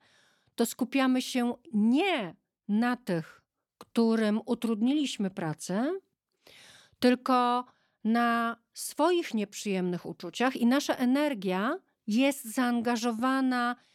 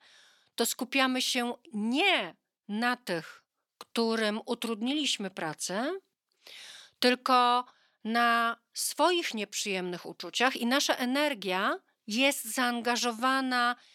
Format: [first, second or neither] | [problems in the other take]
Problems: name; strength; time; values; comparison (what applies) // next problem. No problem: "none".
first | thin; very slightly; fading below 700 Hz